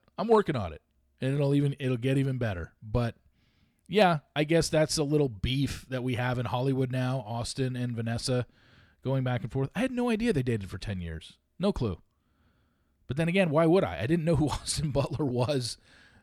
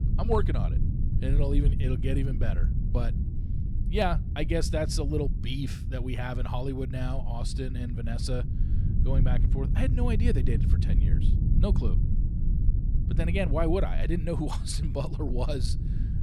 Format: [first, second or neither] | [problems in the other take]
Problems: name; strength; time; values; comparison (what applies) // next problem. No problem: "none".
first | low rumble; loud; throughout; 9 dB below the speech